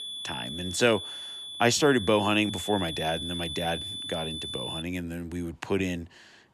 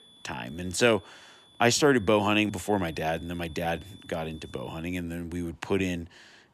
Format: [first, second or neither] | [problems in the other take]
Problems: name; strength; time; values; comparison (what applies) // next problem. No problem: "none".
second | high-pitched whine; loud; until 5 s; 3.5 kHz, 6 dB below the speech; faint in the second